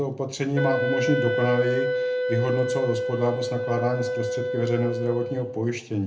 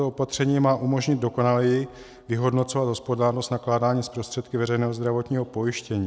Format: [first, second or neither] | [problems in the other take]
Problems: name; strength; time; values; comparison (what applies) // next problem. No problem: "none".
second | background sound (Wind instrument, woodwind instrument); 1 dB below the speech // room echo; dies away in 0.3 s